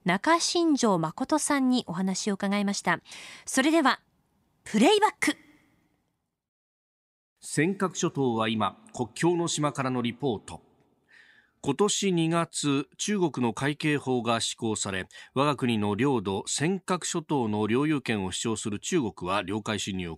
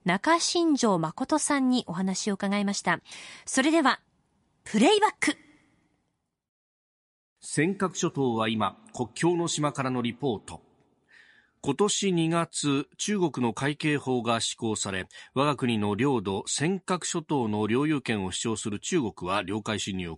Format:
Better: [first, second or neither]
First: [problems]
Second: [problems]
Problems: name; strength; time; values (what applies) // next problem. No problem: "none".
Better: first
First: none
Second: garbled, watery; slightly; nothing above 10.5 kHz